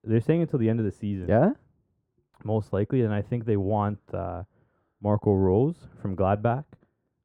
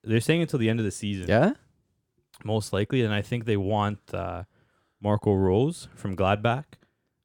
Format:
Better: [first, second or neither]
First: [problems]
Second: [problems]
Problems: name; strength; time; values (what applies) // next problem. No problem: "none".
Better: second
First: muffled; very; fading above 2 kHz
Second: none